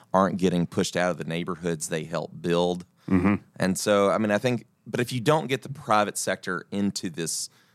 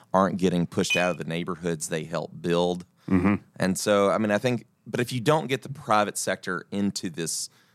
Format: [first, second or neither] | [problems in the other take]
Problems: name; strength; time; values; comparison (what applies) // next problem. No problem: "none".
first | clattering dishes; noticeable; at 1 s; peak 1 dB below the speech